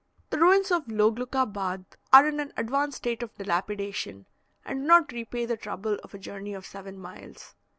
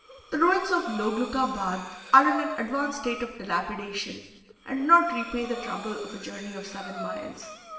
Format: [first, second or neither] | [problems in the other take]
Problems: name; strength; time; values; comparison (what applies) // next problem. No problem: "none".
first | background sound (Breathing); 14 dB below the speech // room echo; dies away in 1 s